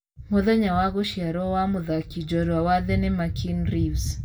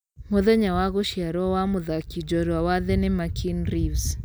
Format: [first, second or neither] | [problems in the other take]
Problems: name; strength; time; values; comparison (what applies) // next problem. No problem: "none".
second | room echo; dies away in 0.2 s